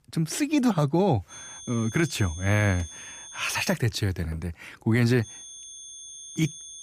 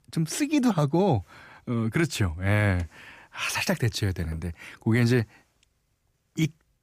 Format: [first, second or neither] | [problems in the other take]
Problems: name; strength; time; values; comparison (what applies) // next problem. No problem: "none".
second | high-pitched whine; noticeable; from 1.5 to 3.5 s and from 5 s on; 6.5 kHz, 15 dB below the speech